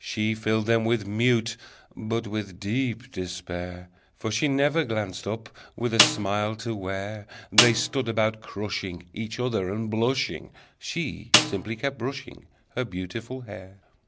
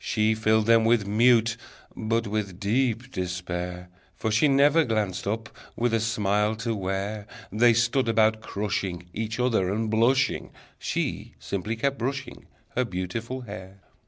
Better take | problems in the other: second | background sound (Snare drum); as loud as the speech

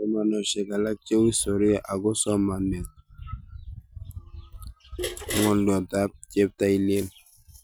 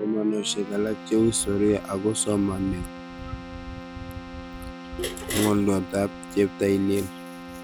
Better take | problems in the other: first | background sound (Keyboard (musical)); 13 dB below the speech

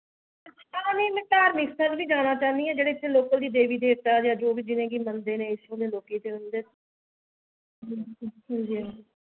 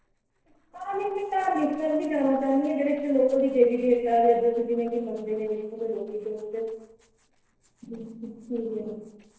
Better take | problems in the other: first | noise reduction (neural separator model SepFormer DNS4)

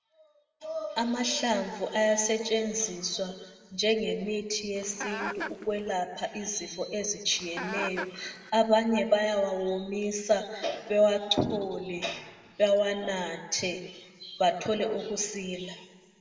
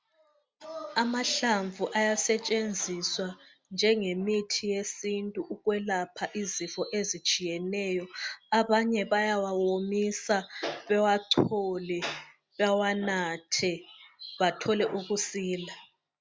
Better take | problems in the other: second | background sound (Chicken, rooster); 8 dB below the speech // room echo; dies away in 1.5 s

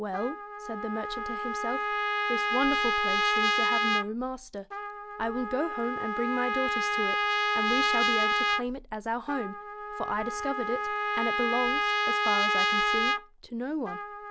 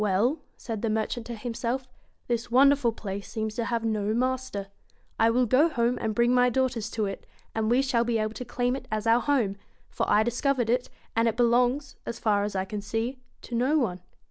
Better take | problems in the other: second | background sound (Trumpet); 5 dB above the speech

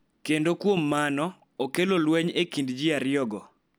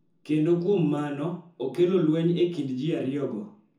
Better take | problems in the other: first | room echo; dies away in 0.5 s

